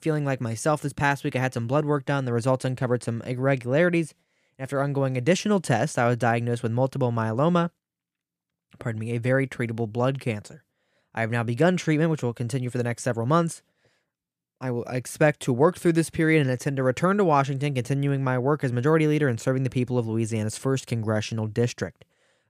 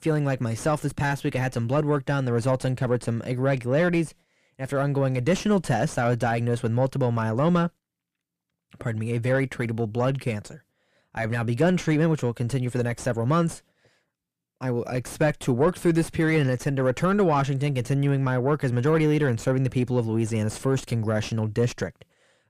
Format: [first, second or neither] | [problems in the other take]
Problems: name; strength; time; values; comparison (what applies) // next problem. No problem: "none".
first | distortion; slight; 9 dB below the speech